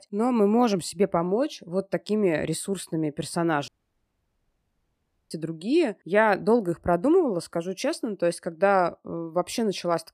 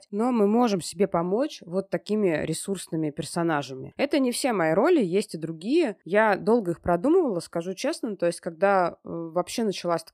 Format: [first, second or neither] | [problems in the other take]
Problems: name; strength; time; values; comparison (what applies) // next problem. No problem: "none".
second | audio cutting out; at 3.5 s for 1.5 s